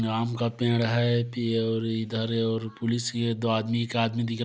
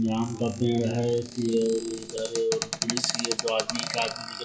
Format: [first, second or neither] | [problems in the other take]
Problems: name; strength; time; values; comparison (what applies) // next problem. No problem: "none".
first | noise reduction (classical method WPE with log-MMSE)